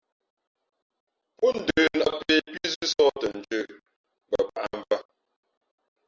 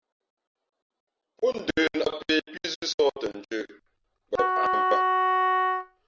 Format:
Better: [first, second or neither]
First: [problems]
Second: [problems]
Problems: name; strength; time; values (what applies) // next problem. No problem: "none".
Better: first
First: none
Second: background sound (Wind instrument, woodwind instrument); 5 dB above the speech